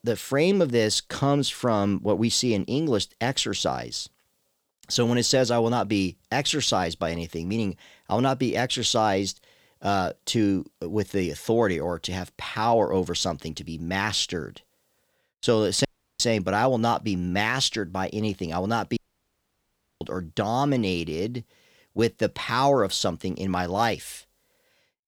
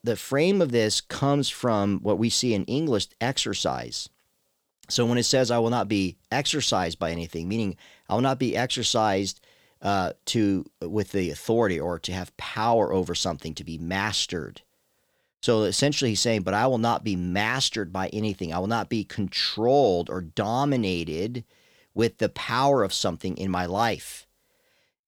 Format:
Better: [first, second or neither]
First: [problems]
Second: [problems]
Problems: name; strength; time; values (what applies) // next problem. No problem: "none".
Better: second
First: audio cutting out; at 16 s and at 19 s for 1 s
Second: none